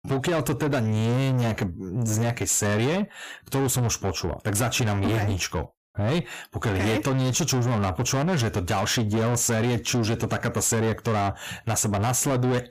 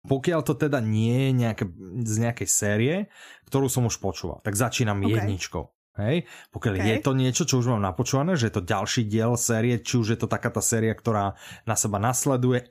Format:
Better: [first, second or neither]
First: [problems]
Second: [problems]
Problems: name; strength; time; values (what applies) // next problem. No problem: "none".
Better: second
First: distortion; heavy; 7 dB below the speech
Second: none